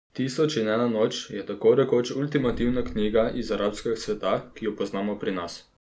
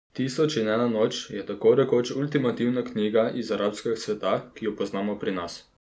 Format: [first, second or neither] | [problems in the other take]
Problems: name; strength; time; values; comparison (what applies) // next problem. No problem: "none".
second | background sound (Boom); 12 dB below the speech